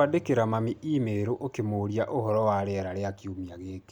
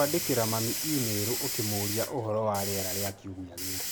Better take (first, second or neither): first